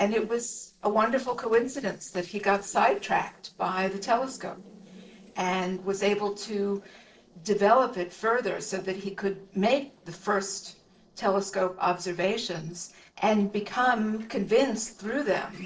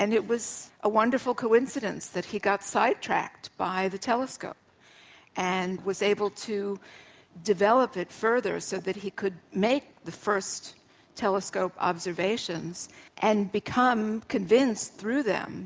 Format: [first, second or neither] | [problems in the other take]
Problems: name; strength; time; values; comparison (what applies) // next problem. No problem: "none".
second | noise reduction (neural separator model SepFormer DNS4)